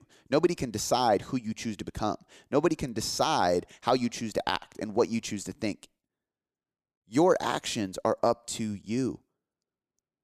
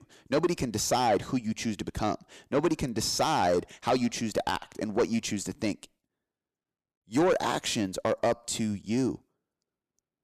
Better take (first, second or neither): first